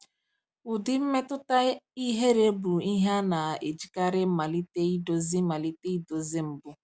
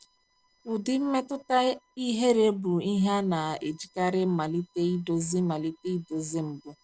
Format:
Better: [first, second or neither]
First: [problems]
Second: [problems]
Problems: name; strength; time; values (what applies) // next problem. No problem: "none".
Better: first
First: none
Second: noise reduction (neural separator model SepFormer DNS4)